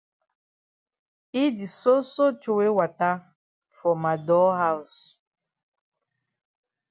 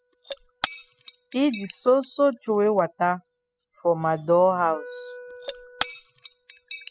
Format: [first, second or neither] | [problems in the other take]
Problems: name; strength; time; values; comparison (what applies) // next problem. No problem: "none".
first | noise reduction (classical method spectral subtraction)